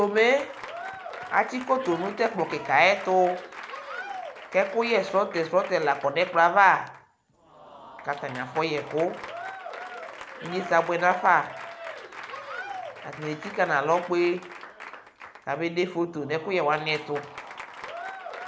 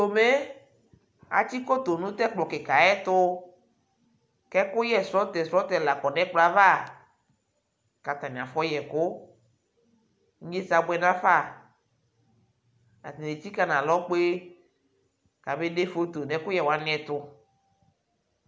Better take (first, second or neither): second